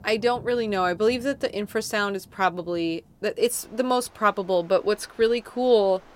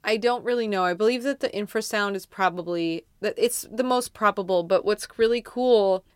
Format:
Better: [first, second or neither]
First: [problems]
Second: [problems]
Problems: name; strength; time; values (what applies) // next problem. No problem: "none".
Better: second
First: rain or running water; faint; throughout; 25 dB below the speech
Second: none